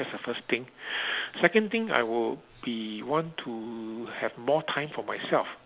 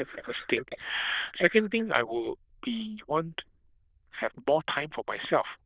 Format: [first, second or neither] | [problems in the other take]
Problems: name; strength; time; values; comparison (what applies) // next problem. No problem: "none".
first | noise reduction (neural diffusion model UNIVERSE++)